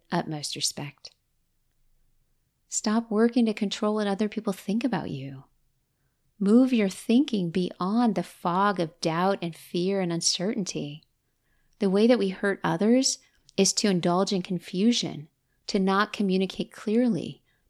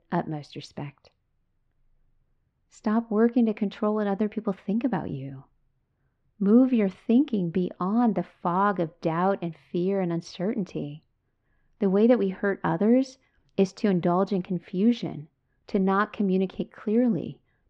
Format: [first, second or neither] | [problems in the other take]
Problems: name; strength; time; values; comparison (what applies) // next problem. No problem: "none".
first | muffled; very; fading above 1.5 kHz